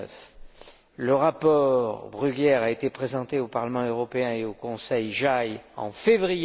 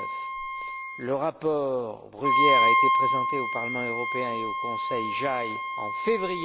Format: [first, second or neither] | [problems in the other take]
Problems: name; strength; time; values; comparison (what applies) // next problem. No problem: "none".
first | background sound (Wind instrument, woodwind instrument); 4 dB above the speech